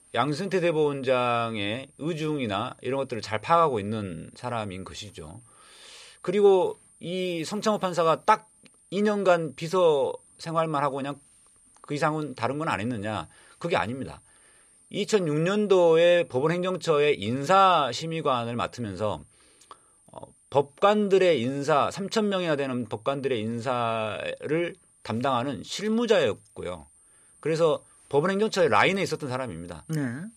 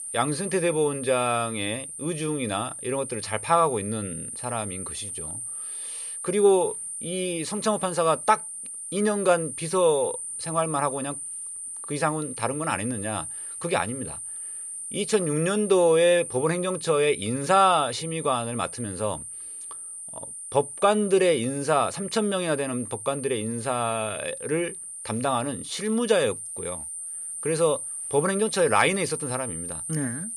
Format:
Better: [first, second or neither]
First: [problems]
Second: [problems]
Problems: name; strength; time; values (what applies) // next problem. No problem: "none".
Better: first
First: high-pitched whine; faint; throughout; 9 kHz, 30 dB below the speech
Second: high-pitched whine; loud; throughout; 9 kHz, 8 dB below the speech